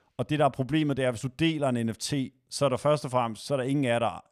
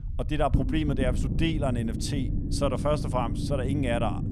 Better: first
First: none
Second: low rumble; loud; throughout; 9 dB below the speech

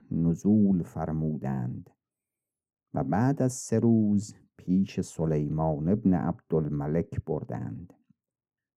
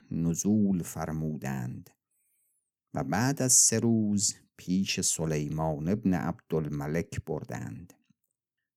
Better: second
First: muffled; very; fading above 2 kHz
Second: none

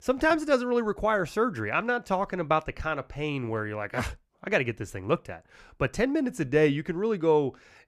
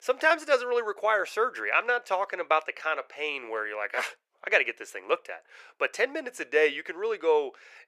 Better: first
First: none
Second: thin; very; fading below 450 Hz

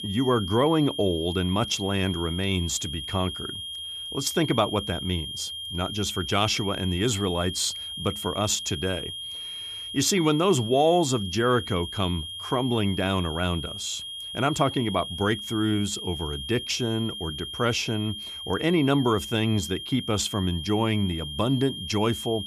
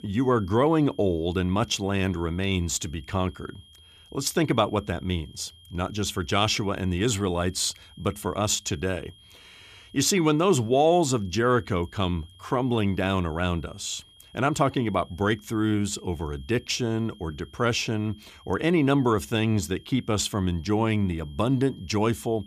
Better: second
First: high-pitched whine; loud; throughout; 3 kHz, 7 dB below the speech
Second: high-pitched whine; faint; throughout; 3 kHz, 25 dB below the speech

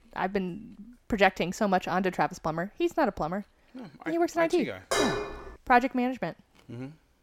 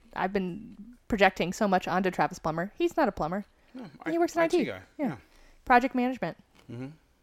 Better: second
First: clattering dishes; loud; at 5 s; peak 1 dB above the speech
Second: none

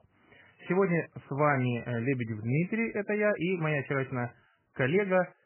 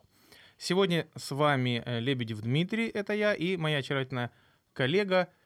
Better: second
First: garbled, watery; badly; nothing above 3 kHz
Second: none

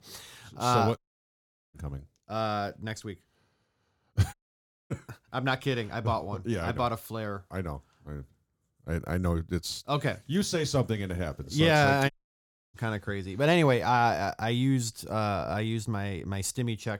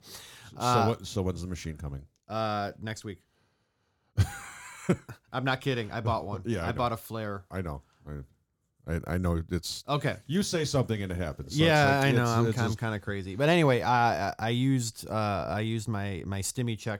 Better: second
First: audio cutting out; at 1 s for 1 s, at 4.5 s for 0.5 s and at 12 s for 0.5 s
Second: none

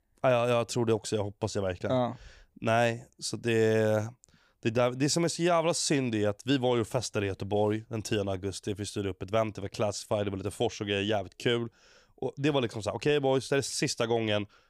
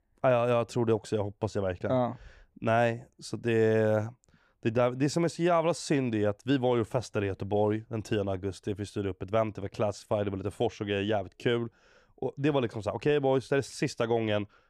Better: first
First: none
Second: muffled; slightly; fading above 3 kHz

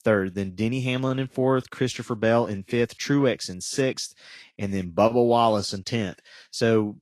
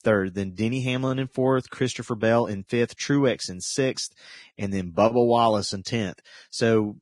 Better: first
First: garbled, watery; slightly; nothing above 11.5 kHz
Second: garbled, watery; badly; nothing above 10.5 kHz

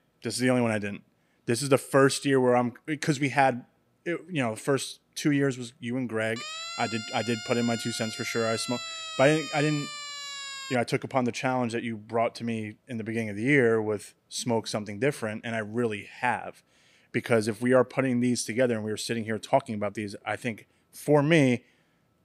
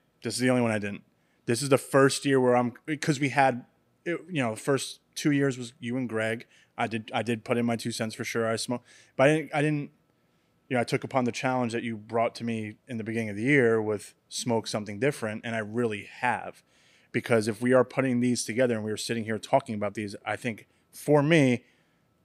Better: second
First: siren; noticeable; from 6.5 to 11 s; peak 7 dB below the speech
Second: none

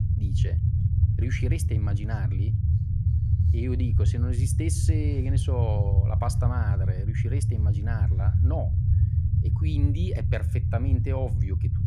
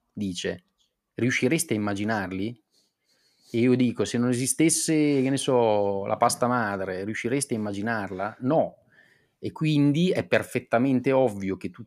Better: second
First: low rumble; loud; throughout; 2 dB below the speech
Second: none

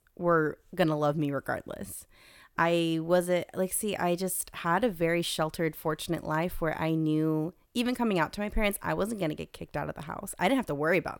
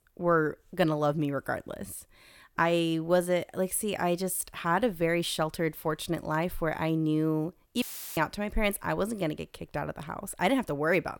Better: first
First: none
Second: audio cutting out; filled with static; at 8 s

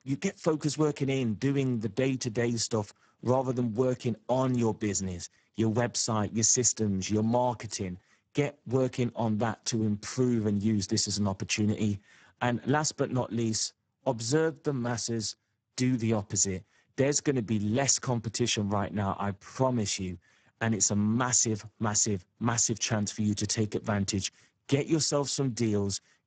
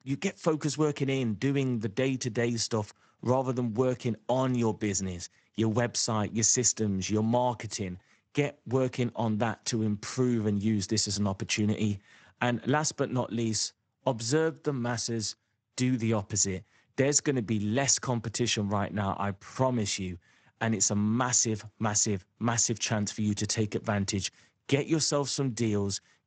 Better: second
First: garbled, watery; badly; nothing above 7.5 kHz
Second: garbled, watery; slightly; nothing above 7.5 kHz

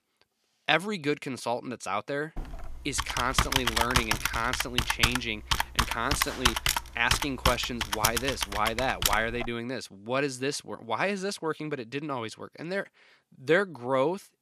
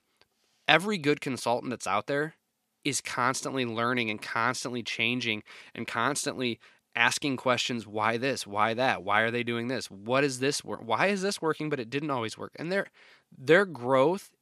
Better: second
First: keyboard typing; loud; from 2.5 to 9.5 s; peak 6 dB above the speech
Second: none

